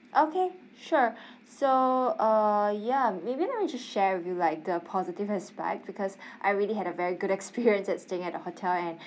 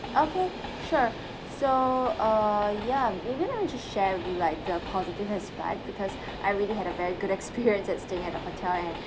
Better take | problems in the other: first | background sound (Train); 9 dB below the speech

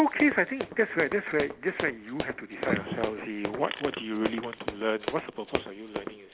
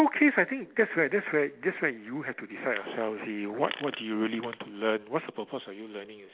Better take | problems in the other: second | background sound (Run); 7 dB below the speech

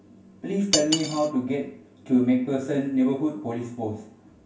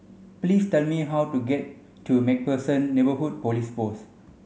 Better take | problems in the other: second | background sound (Cutlery, silverware); 6 dB below the speech // room echo; dies away in 0.3 s

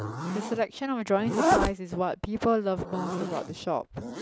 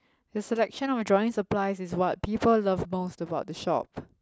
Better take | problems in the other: second | background sound (Zipper (clothing)); 2 dB below the speech

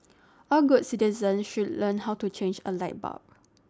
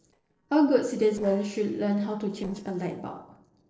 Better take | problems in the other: first | noise reduction (neural separator model SepFormer DNS4)

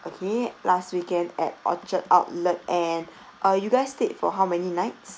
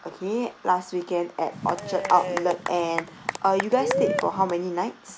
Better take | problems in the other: first | background sound (Applause / Cheering / Clapping); 4 dB below the speech

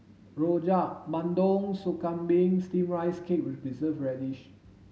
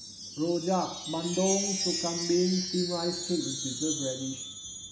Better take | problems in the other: first | background sound (Wind chime); 5 dB below the speech

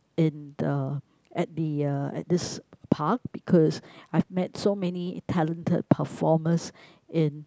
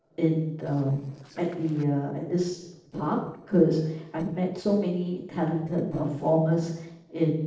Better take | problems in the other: first | noise reduction (neural separator model SepFormer DNS4)

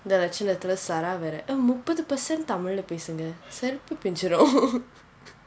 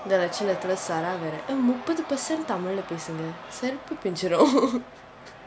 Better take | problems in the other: first | background sound (Crowd / Cheering); 13 dB below the speech

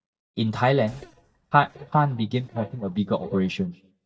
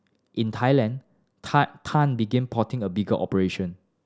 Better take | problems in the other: second | noise reduction (neural mask model DeepFilterNet 3)

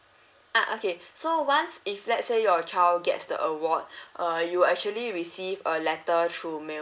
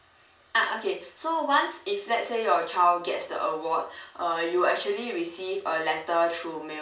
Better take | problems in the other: first | room echo; dies away in 0.4 s

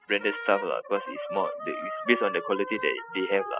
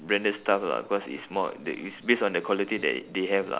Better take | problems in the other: second | noise reduction (classical method spectral subtraction)

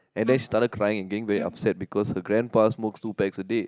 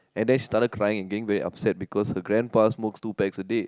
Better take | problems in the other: second | noise reduction (neural mask model Resemble Enhance denoiser)

